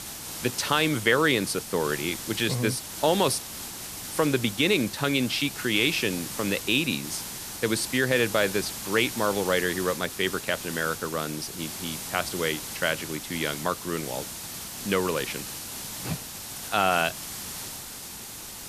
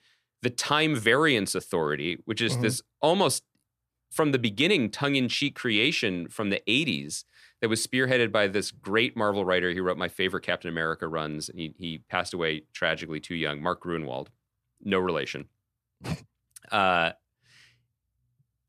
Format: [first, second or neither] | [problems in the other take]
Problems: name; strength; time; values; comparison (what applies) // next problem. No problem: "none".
second | hiss; loud; throughout; 8 dB below the speech